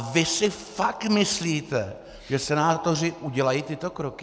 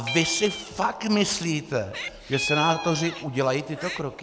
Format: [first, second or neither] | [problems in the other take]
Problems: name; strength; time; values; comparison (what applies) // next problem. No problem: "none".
first | background sound (Meow); 9 dB below the speech